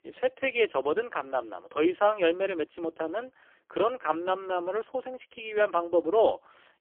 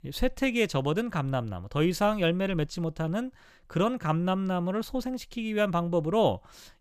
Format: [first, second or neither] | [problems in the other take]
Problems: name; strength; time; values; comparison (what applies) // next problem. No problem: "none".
second | phone-call audio; poor line; nothing above 3 kHz